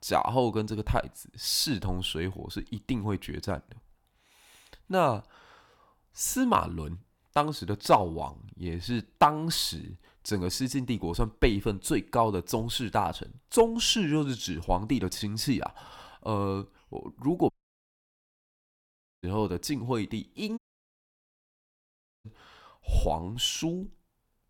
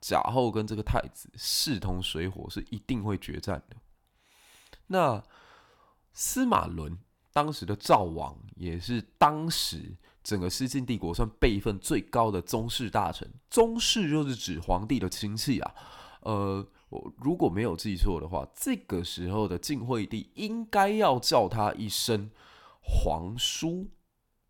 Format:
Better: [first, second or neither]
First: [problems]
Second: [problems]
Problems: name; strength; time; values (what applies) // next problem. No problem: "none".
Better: second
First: audio cutting out; at 18 s for 1.5 s and at 21 s for 1.5 s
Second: none